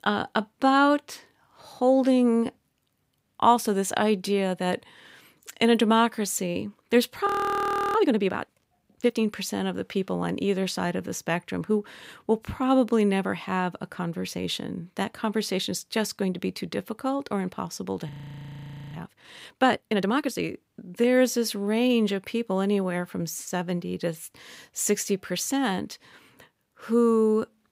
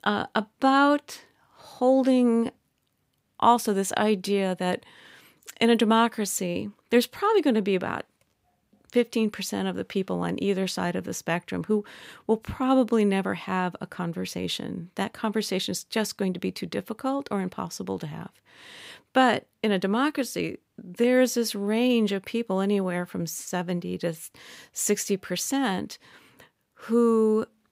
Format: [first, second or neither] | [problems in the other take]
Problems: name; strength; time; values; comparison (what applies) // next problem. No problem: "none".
second | audio freezing; at 7.5 s for 0.5 s and at 18 s for 1 s